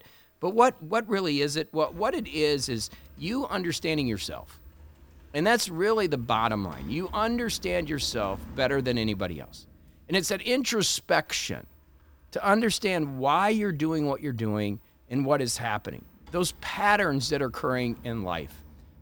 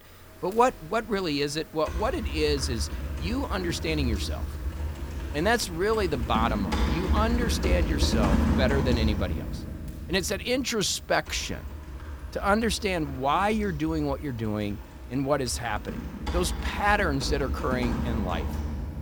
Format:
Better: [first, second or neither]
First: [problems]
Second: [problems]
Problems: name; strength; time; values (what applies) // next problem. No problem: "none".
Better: first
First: household noises; faint; throughout; 25 dB below the speech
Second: household noises; loud; throughout; 4 dB below the speech